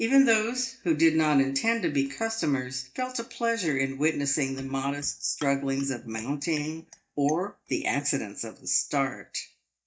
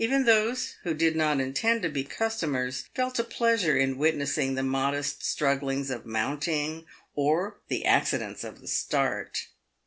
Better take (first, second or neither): second